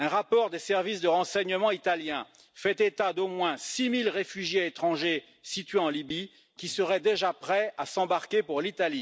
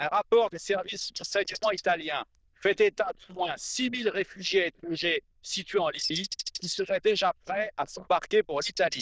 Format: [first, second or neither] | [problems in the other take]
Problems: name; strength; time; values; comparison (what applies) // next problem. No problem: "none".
first | noise reduction (neural diffusion model UNIVERSE++)